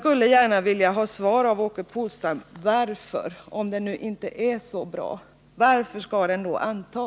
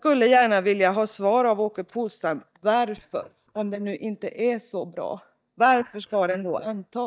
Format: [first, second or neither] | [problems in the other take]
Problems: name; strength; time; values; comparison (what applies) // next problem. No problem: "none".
first | noise reduction (neural mask model DeepFilterNet 3)